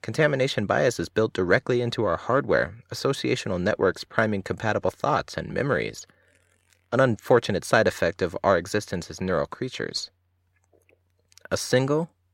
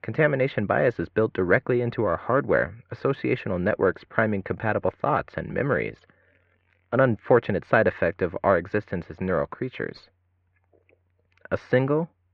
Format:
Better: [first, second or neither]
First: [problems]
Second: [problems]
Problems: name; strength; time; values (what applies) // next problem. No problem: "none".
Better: first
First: none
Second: muffled; very; fading above 2.5 kHz